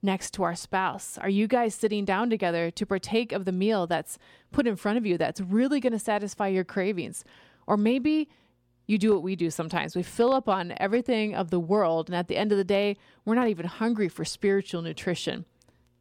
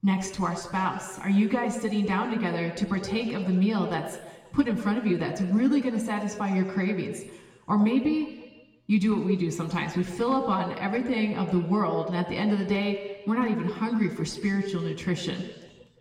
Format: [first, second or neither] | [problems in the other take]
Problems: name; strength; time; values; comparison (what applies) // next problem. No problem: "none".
first | room echo; slight; dies away in 1.4 s // off-mic speech; somewhat distant